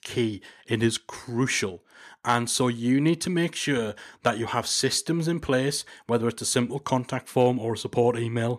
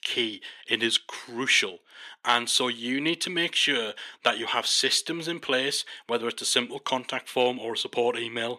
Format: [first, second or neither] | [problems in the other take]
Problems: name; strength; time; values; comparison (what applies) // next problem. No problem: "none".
first | thin; somewhat; fading below 300 Hz